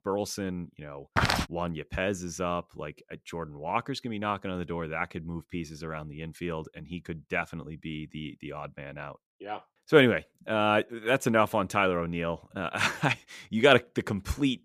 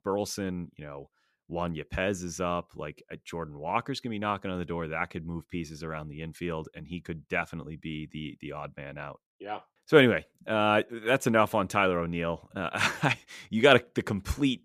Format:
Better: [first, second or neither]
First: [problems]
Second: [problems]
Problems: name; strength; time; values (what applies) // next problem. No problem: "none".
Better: second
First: footsteps; loud; at 1 s; peak 3 dB above the speech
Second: none